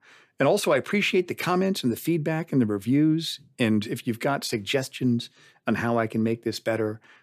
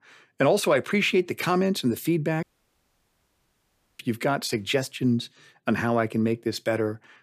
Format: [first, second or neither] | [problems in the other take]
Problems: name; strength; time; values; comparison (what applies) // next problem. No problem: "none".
first | audio cutting out; at 2.5 s for 1.5 s